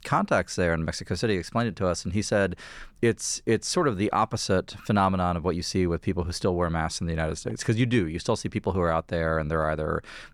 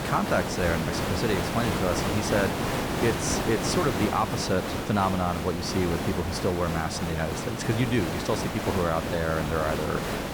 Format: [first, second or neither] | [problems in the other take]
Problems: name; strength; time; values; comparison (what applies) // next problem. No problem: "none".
first | hiss; loud; throughout; 2 dB below the speech